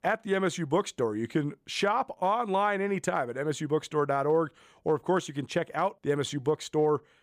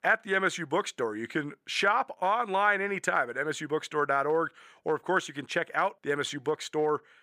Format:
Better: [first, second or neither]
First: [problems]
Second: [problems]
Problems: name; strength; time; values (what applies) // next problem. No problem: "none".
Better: first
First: none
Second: thin; somewhat; fading below 350 Hz